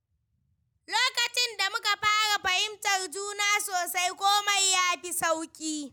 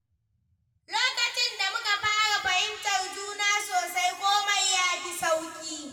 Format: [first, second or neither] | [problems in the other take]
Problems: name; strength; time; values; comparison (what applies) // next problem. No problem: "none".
first | room echo; dies away in 2 s